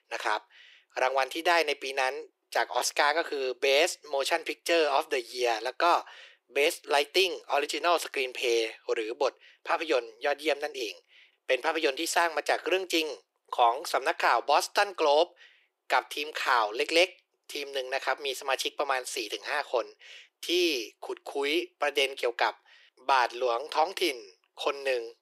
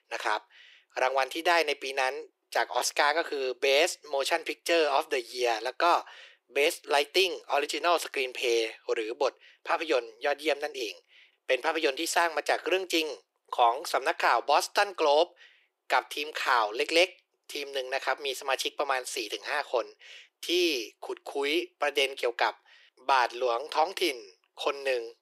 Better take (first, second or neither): neither